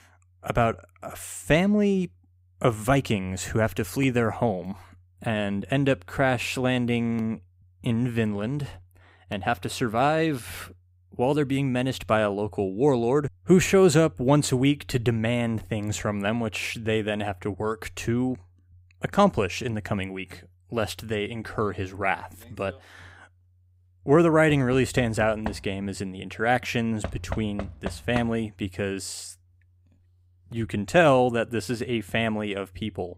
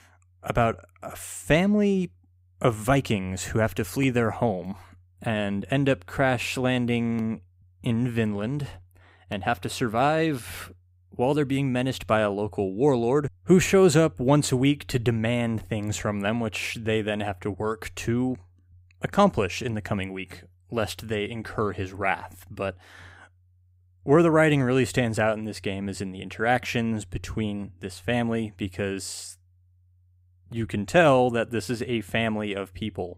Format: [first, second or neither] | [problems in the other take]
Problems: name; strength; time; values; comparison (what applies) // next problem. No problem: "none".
second | door banging; faint; from 24 to 28 s; peak 10 dB below the speech